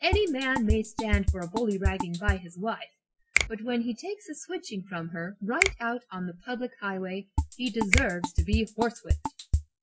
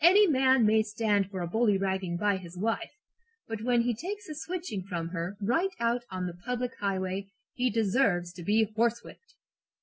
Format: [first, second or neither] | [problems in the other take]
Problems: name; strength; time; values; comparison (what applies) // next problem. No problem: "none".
second | noise reduction (classical method log-MMSE)